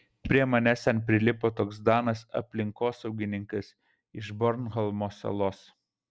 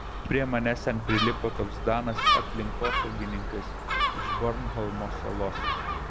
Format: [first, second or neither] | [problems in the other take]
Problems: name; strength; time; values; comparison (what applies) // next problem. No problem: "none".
first | background sound (Gull, seagull); 1 dB above the speech